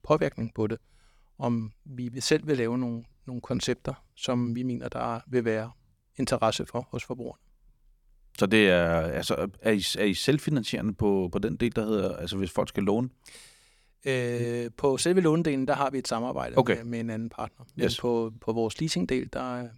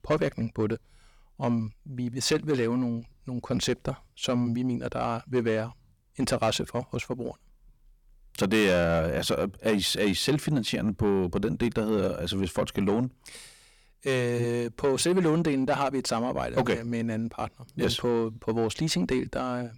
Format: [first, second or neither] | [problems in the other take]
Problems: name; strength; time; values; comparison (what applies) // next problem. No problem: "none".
first | distortion; slight; 10 dB below the speech